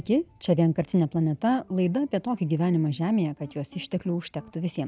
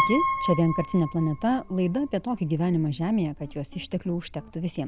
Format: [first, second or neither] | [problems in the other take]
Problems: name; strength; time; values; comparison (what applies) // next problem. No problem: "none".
first | background sound (Piano); 7 dB below the speech